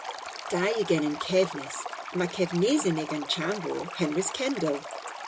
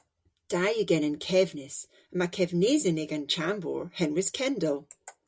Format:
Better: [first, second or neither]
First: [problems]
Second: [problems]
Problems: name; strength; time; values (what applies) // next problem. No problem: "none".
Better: second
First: background sound (Stream); 9 dB below the speech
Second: none